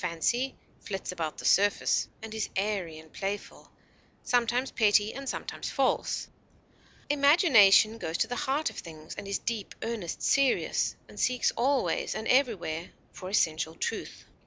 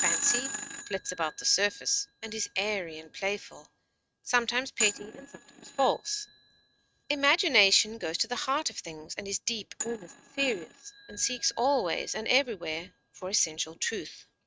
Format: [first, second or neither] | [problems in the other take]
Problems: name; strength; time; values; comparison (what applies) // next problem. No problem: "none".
first | noise reduction (neural mask model RNNoise)